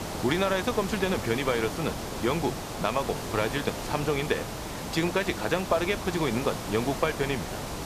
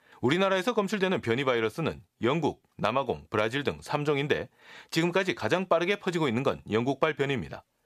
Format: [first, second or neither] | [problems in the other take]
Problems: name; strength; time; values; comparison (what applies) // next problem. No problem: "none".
second | hiss; loud; throughout; 6 dB below the speech